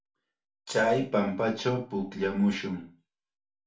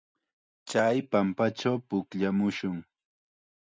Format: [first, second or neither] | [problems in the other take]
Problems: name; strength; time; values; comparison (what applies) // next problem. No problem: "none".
second | room echo; dies away in 0.3 s